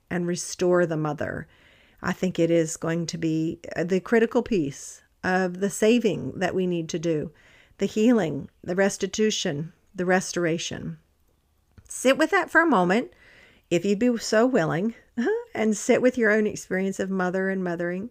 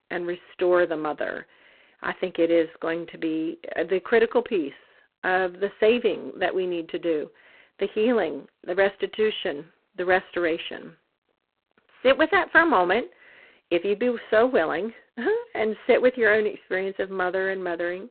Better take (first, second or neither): first